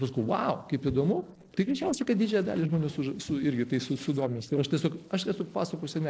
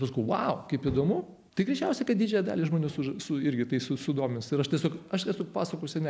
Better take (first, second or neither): second